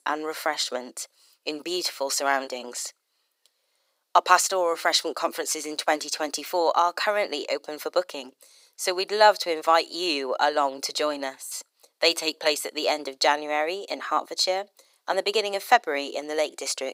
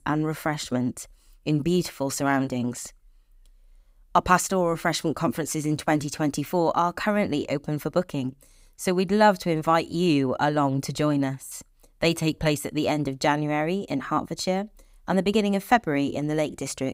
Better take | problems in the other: second | thin; very; fading below 450 Hz

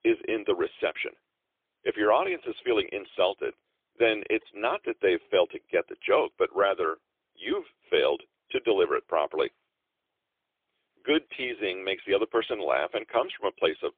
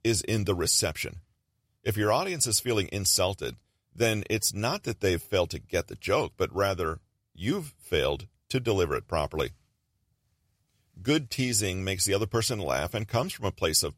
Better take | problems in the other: second | phone-call audio; poor line; nothing above 3.5 kHz

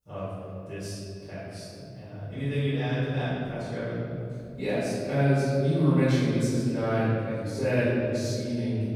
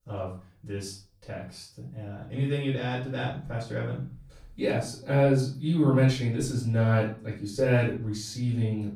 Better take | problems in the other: second | room echo; strong; dies away in 2.3 s; slight in the second // off-mic speech; far; far in the second

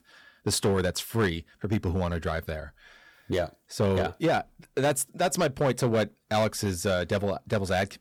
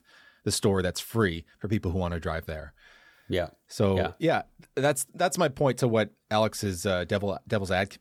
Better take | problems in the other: second | distortion; slight; 6% of the sound clipped

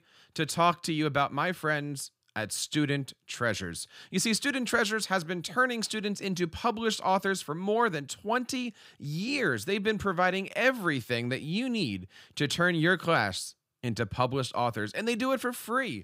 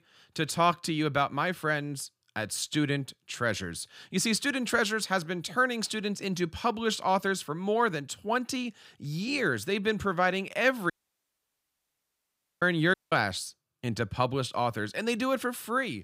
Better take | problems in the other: first | audio cutting out; at 11 s for 1.5 s and at 13 s

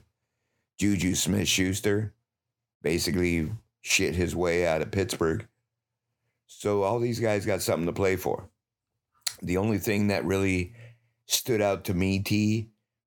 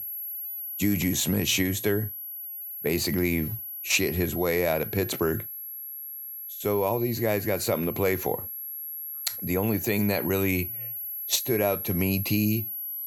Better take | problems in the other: first | high-pitched whine; loud; throughout; 11.5 kHz, 6 dB below the speech

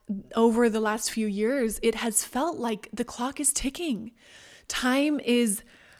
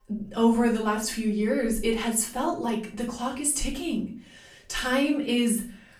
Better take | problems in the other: first | off-mic speech; far // room echo; slight; dies away in 0.4 s

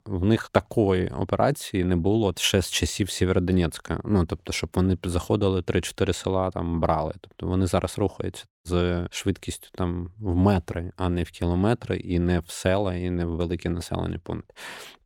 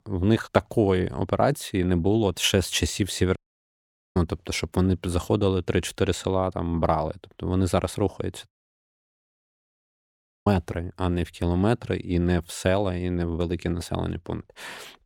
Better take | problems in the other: first | audio cutting out; at 3.5 s for 1 s and at 8.5 s for 2 s

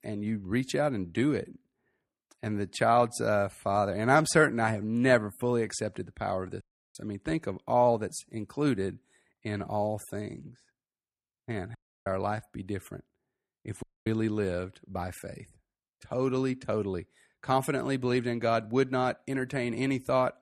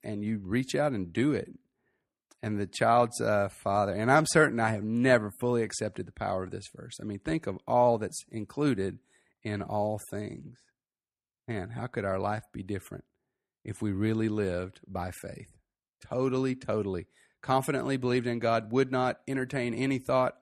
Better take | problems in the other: second | audio cutting out; at 6.5 s, at 12 s and at 14 s

